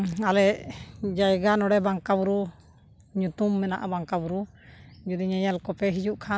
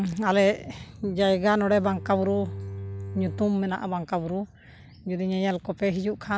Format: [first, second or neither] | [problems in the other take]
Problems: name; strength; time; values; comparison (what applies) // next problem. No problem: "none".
first | background sound (Bowed string instrument); 11 dB below the speech